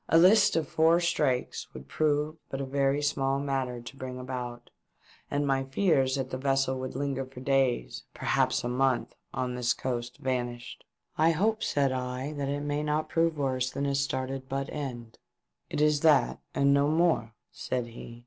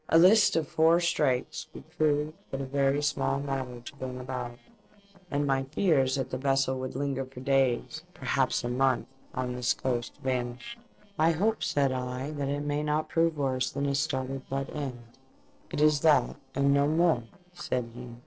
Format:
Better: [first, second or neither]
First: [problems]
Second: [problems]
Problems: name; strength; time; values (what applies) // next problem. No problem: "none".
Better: first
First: none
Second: noise reduction (neural separator model SepFormer DNS4)